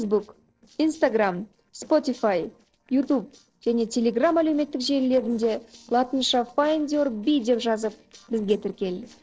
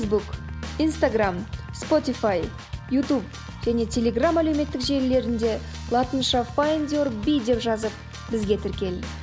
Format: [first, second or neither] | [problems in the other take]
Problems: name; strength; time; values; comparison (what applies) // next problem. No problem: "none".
second | noise reduction (neural separator model SepFormer DNS4)